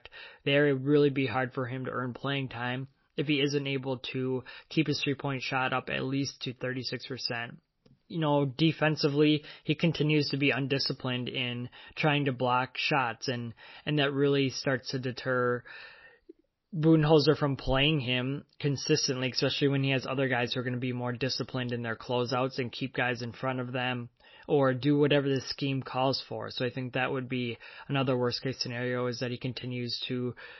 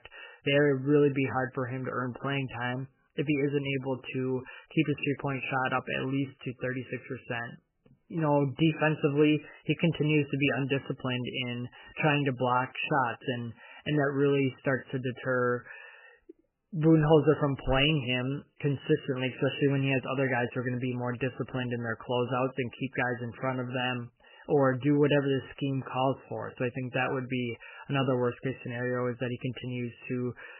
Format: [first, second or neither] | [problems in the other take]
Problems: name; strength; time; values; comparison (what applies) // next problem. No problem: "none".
first | garbled, watery; badly; nothing above 3 kHz; slightly in the first